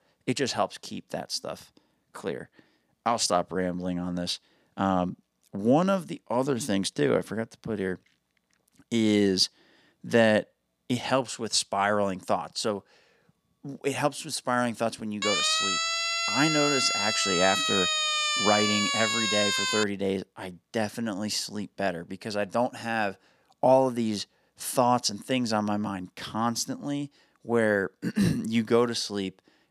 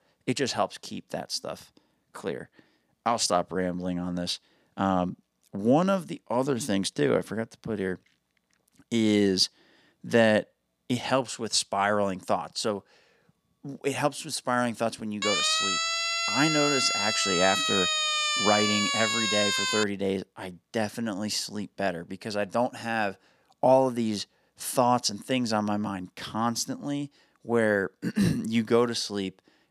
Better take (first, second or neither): neither